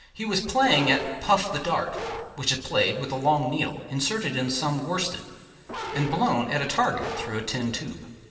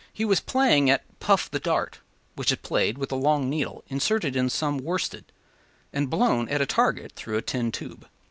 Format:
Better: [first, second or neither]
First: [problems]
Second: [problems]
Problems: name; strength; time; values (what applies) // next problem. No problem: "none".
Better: second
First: background sound (Bark); 10 dB below the speech // room echo; dies away in 2.6 s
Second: none